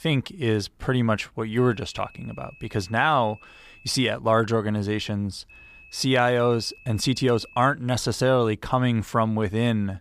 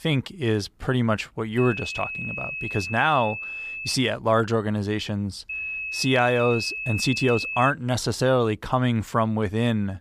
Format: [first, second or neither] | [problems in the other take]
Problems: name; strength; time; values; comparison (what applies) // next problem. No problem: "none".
first | high-pitched whine; loud; from 1.5 to 4 s and from 5.5 to 7.5 s; 2.5 kHz, 6 dB below the speech; faint in the first